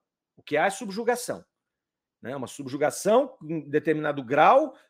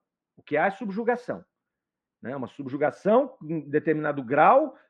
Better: first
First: none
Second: muffled; very; fading above 2 kHz

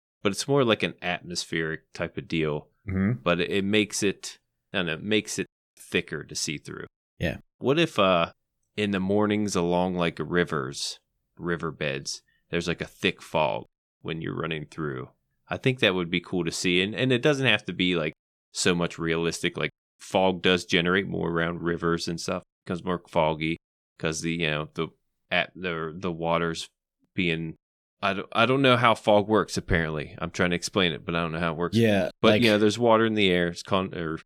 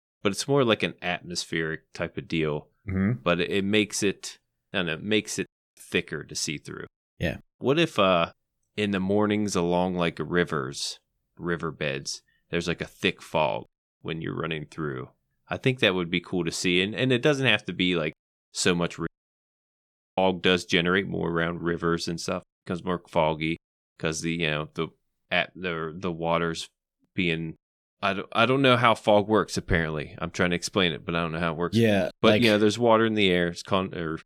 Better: first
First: none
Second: audio cutting out; at 19 s for 1 s

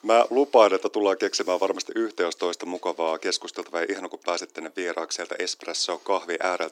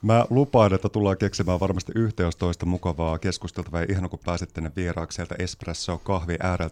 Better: second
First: thin; very; fading below 300 Hz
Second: none

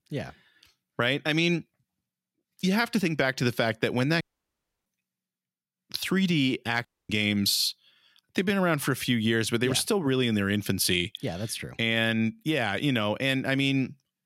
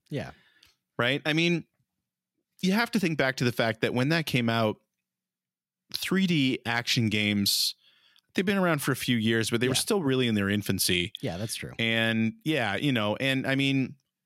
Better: second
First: audio cutting out; at 4 s for 0.5 s and at 7 s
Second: none

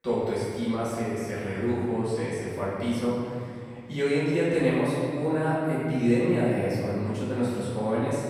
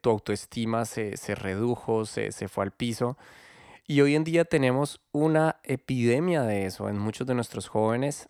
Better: second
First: off-mic speech; far // room echo; strong; dies away in 2.3 s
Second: none

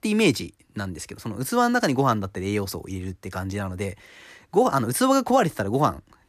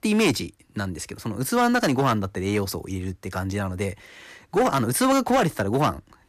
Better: first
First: none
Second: distortion; slight; 6% of the sound clipped

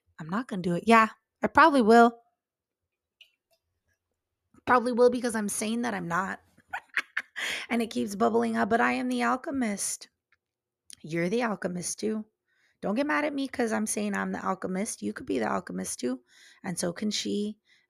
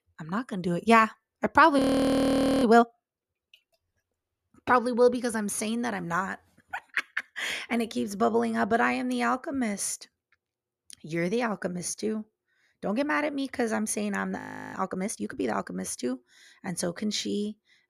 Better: first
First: none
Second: audio freezing; at 2 s for 1 s and at 14 s

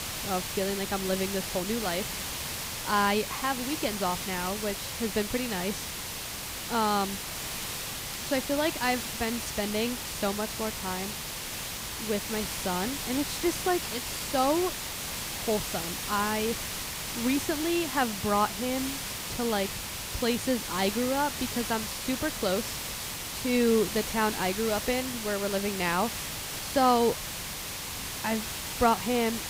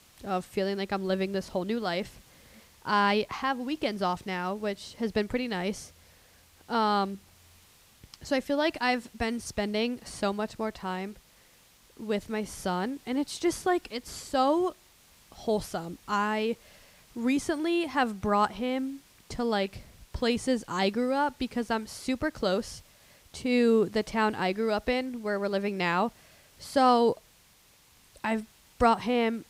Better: second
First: hiss; loud; throughout; 3 dB below the speech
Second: hiss; faint; throughout; 30 dB below the speech

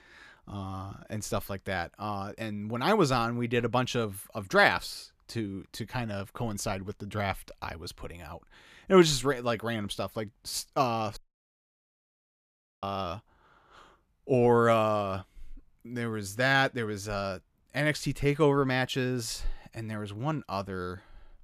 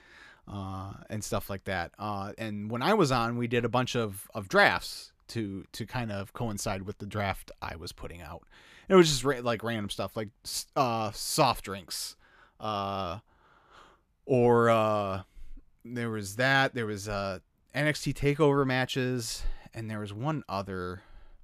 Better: second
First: audio cutting out; at 11 s for 1.5 s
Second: none

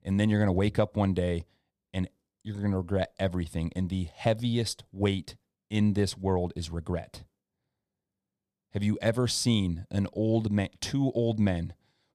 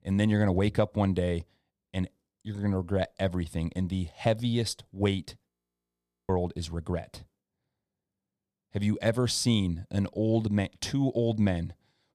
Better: first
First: none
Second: audio freezing; at 5.5 s for 1 s

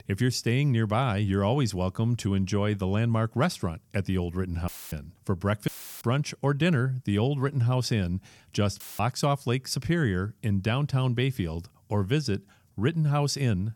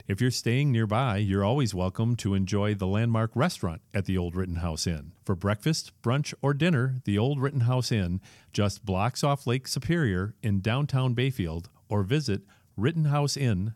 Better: second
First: audio cutting out; filled with static; at 4.5 s, at 5.5 s and at 9 s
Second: none

